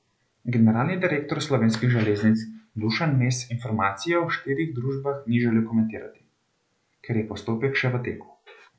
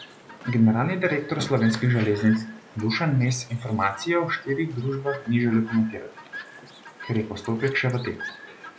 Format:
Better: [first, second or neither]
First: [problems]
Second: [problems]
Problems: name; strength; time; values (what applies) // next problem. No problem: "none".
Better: first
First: none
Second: background sound (Chirp, tweet); 16 dB below the speech